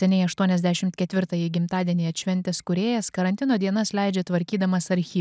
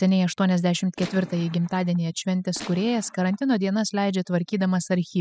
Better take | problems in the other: first | noise reduction (classical method spectral subtraction)

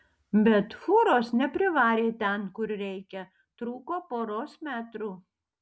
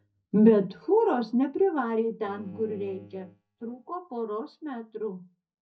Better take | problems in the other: first | noise reduction (neural mask model DeepFilterNet 3)

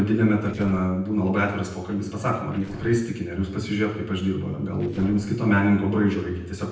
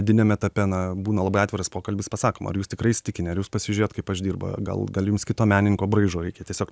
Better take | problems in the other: second | noise reduction (neural separator model SepFormer DNS4)

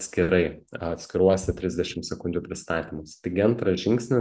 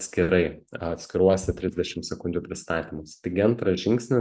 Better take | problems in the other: first | noise reduction (neural mask model DeepFilterNet 3)

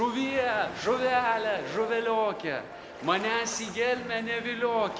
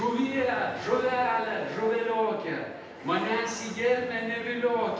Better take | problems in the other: first | room echo; dies away in 0.8 s

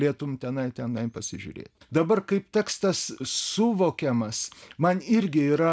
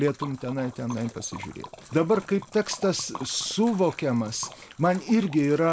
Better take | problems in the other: first | background sound (Liquid); 17 dB below the speech

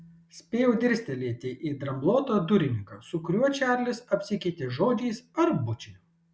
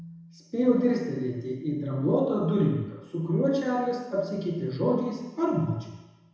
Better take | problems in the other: first | room echo; dies away in 1 s

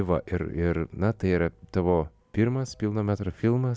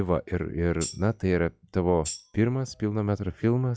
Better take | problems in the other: first | noise reduction (classical method log-MMSE)

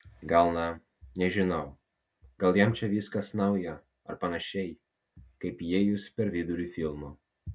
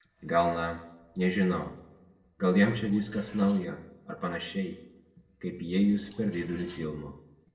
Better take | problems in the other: first | noise reduction (neural separator model SepFormer DNS4)

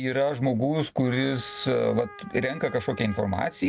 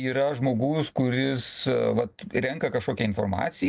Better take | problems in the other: second | background sound (Trumpet); 20 dB below the speech

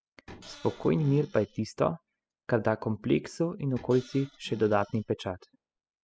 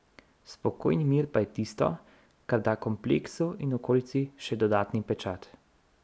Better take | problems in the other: second | noise reduction (classical method spectral subtraction)

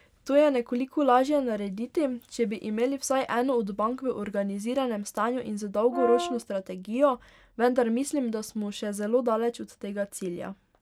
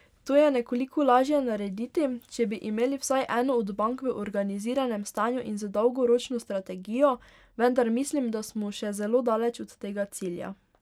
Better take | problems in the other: second | background sound (Brass instrument); 6 dB below the speech

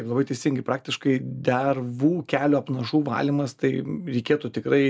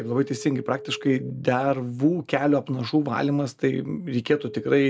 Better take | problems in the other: first | background sound (Telephone); 19 dB below the speech

